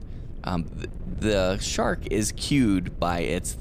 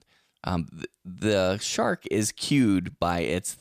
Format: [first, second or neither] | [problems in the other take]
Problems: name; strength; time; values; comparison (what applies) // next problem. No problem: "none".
second | wind noise on the microphone; occasional gusts; 20 dB below the speech